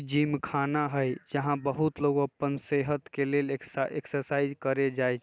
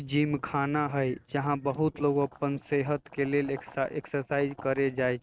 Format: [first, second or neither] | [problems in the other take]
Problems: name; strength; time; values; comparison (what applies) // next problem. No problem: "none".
first | noise reduction (neural mask model RNNoise)